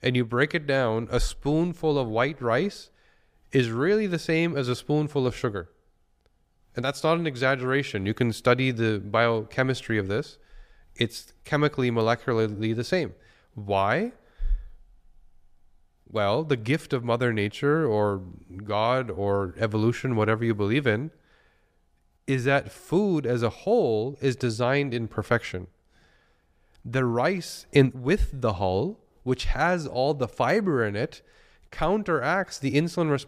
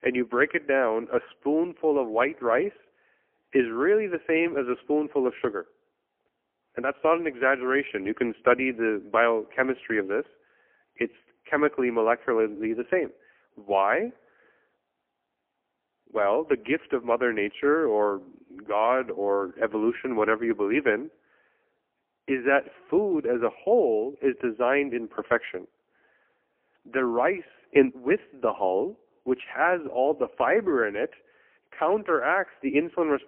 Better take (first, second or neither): first